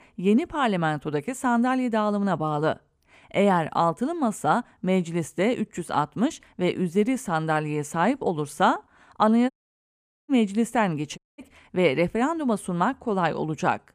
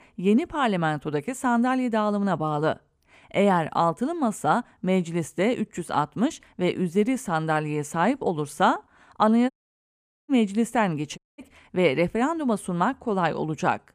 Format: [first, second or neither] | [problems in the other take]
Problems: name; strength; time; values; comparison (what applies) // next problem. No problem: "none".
neither | audio cutting out; at 9.5 s for 1 s and at 11 s; the same in both